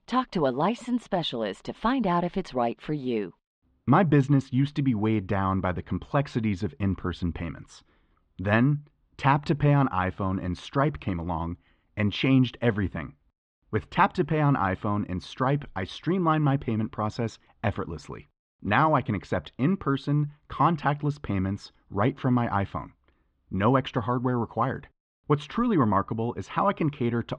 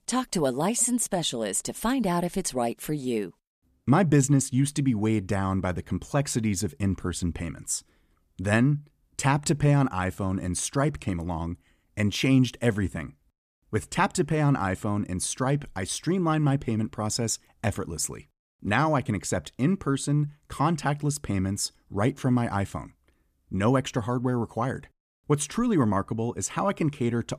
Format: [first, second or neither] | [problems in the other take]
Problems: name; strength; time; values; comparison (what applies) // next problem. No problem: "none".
second | muffled; very; fading above 3.5 kHz